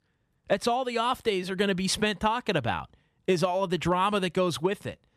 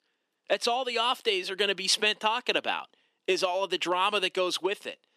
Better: first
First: none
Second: thin; somewhat; fading below 300 Hz

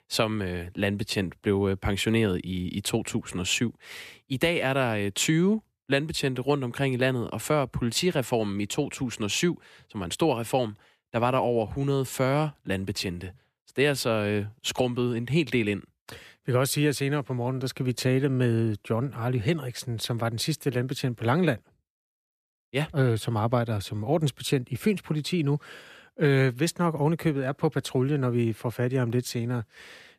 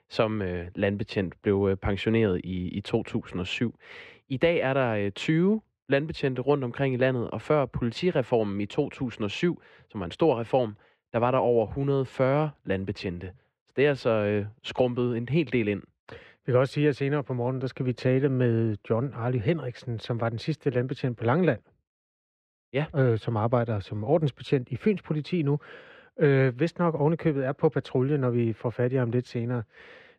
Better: first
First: none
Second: muffled; slightly; fading above 2.5 kHz

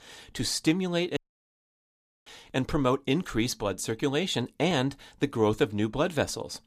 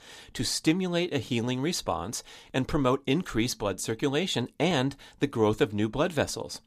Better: second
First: audio cutting out; at 1 s for 1 s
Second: none

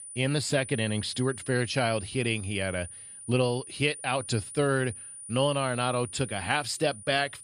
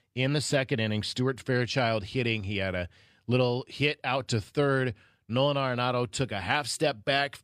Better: second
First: high-pitched whine; noticeable; throughout; 9.5 kHz, 10 dB below the speech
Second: none

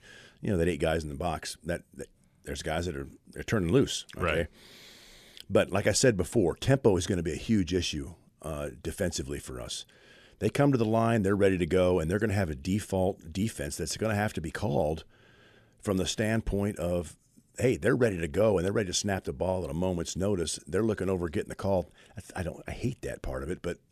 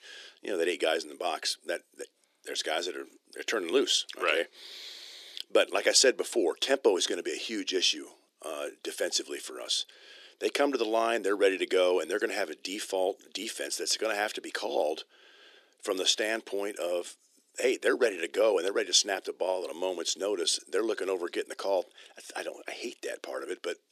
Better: first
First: none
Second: thin; somewhat; fading below 300 Hz

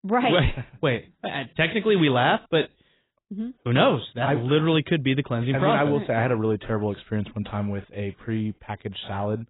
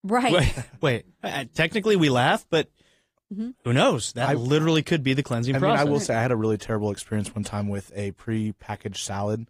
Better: second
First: garbled, watery; badly; nothing above 4 kHz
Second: garbled, watery; slightly; nothing above 15 kHz

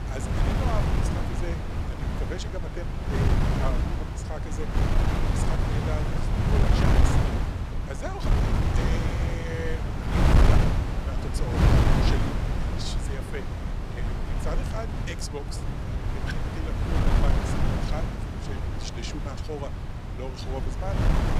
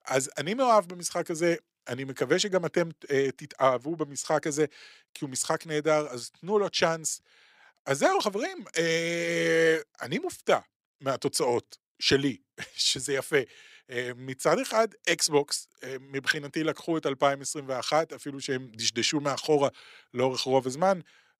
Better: second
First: wind noise on the microphone; heavy; 5 dB above the speech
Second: none

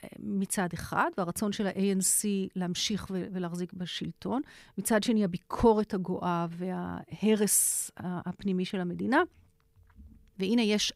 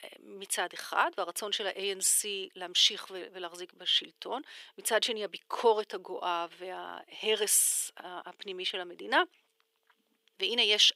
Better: first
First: none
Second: thin; very; fading below 400 Hz

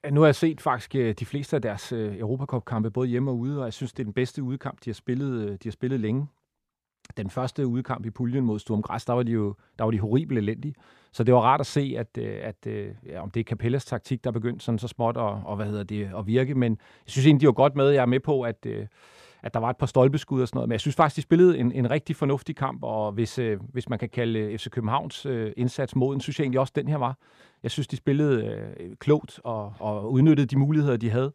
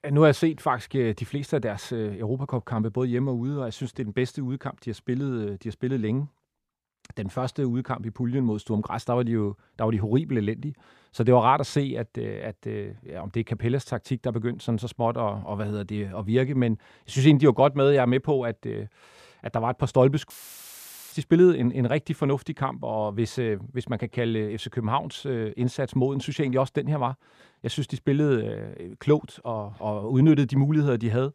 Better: first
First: none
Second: audio cutting out; filled with static; at 20 s for 1 s

